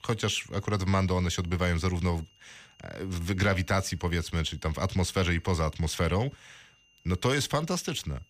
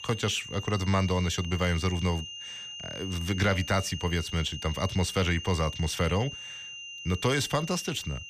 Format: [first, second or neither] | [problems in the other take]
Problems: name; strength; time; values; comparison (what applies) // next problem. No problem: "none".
first | high-pitched whine; loud; throughout; 3 kHz, 10 dB below the speech; faint in the first